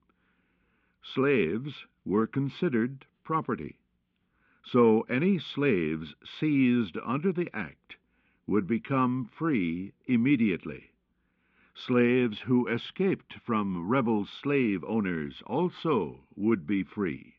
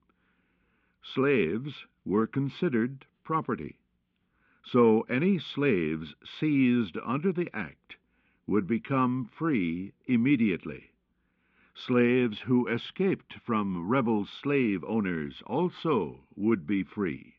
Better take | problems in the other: neither | muffled; very; fading above 3.5 kHz; the same in both

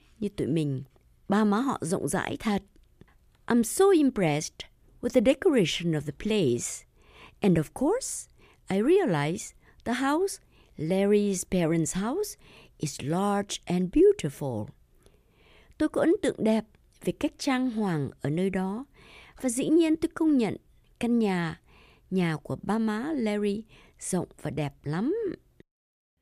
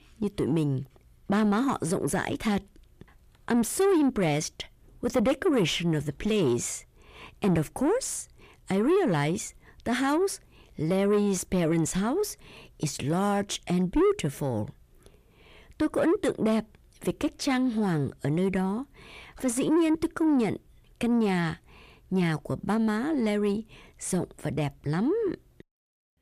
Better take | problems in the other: first | distortion; slight; 10 dB below the speech

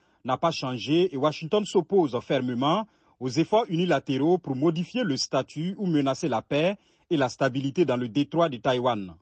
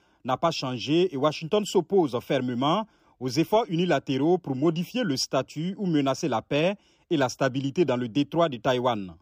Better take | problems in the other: second | garbled, watery; slightly; nothing above 8 kHz

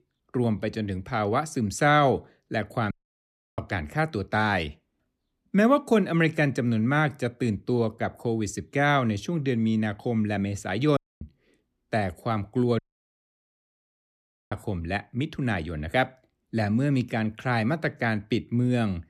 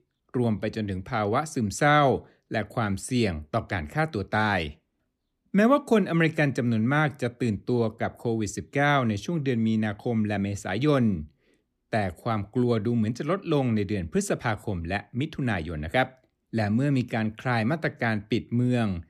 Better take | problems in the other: second | audio cutting out; at 3 s for 0.5 s, at 11 s and at 13 s for 1.5 s

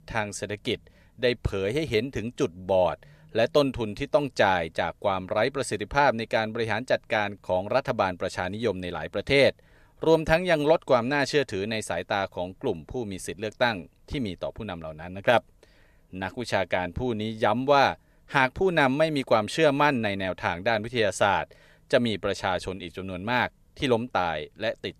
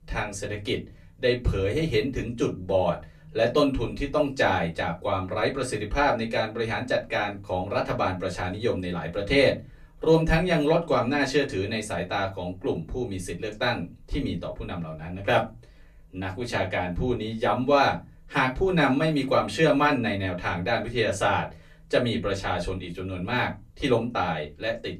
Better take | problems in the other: first | off-mic speech; far // room echo; very slight; dies away in 0.3 s

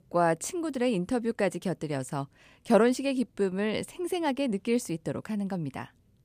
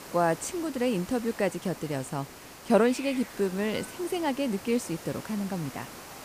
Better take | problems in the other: first | hiss; noticeable; throughout; 15 dB below the speech

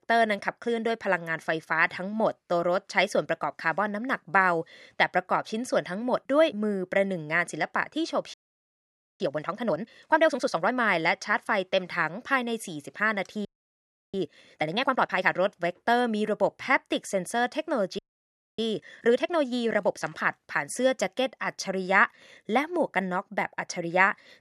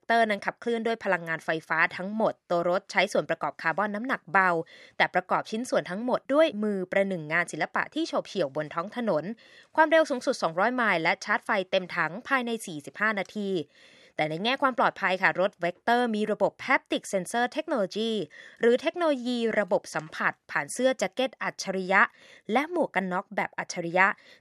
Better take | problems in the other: second | audio freezing; at 8.5 s for 1 s, at 13 s for 0.5 s and at 18 s for 0.5 s

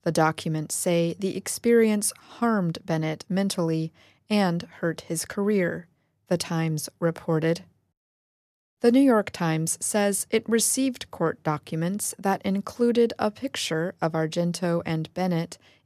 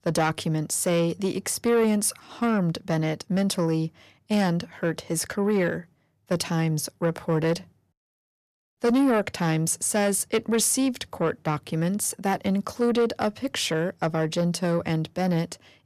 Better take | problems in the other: first | distortion; slight; 10 dB below the speech

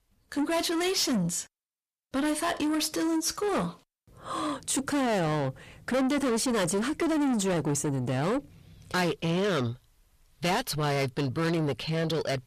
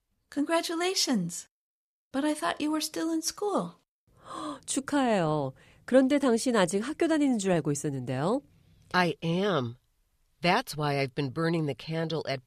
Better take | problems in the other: second | distortion; heavy; 6 dB below the speech

